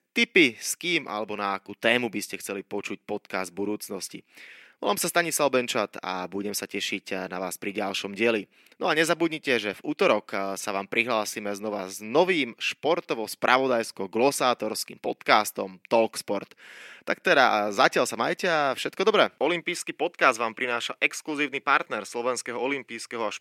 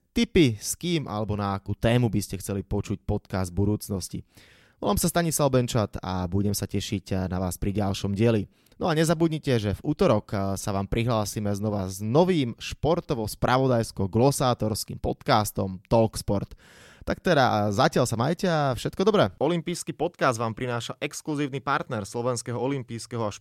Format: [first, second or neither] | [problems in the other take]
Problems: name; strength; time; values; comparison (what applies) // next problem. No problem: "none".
second | thin; somewhat; fading below 250 Hz